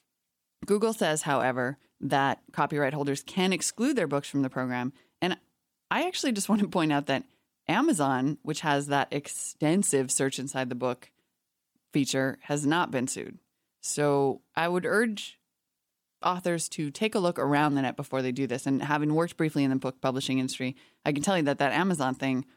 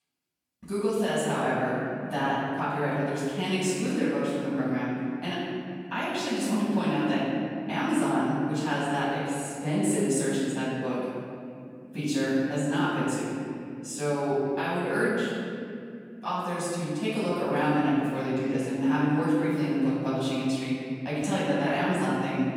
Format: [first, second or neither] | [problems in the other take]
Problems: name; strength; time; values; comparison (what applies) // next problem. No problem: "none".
first | off-mic speech; far // room echo; strong; dies away in 2.6 s